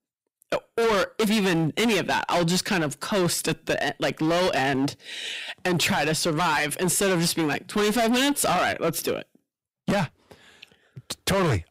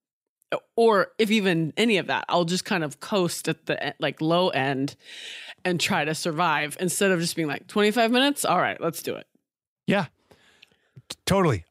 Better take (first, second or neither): second